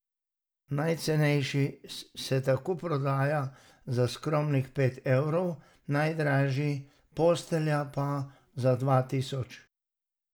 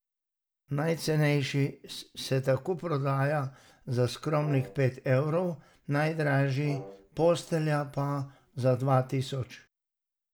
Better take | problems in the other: first | background sound (Brass instrument); 18 dB below the speech

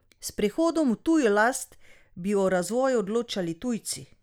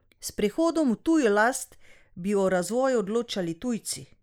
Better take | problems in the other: first | noise reduction (neural mask model Resemble Enhance denoiser)

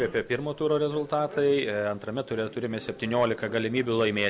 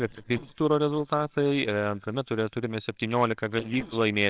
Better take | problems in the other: first | noise reduction (neural separator model SepFormer WHAMR!)

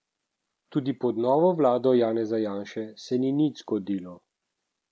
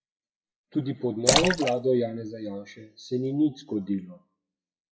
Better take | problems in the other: first | noise reduction (classical method WPE with log-MMSE)

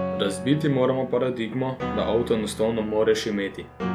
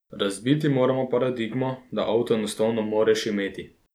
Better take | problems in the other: second | background sound (Piano); 9 dB below the speech

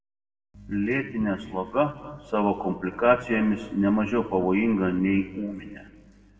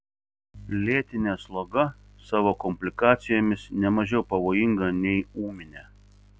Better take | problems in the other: second | room echo; dies away in 1.4 s

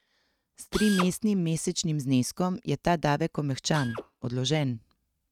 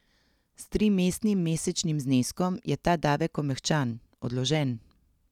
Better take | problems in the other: second | noise reduction (neural mask model RNNoise)

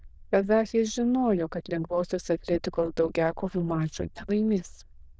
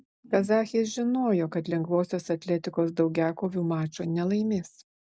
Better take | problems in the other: second | noise reduction (neural diffusion model UNIVERSE++)

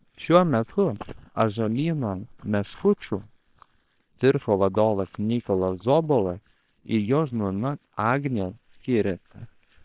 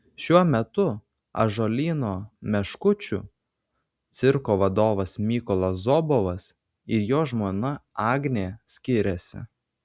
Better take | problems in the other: second | noise reduction (neural separator model SepFormer WHAM!)

